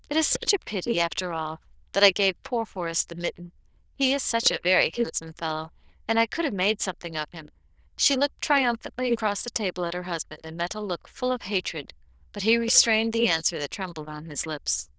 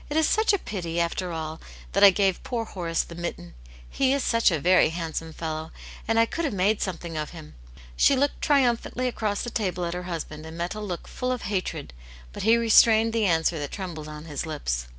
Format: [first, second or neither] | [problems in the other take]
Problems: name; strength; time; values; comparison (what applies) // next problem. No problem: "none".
second | noise reduction (neural diffusion model UNIVERSE++)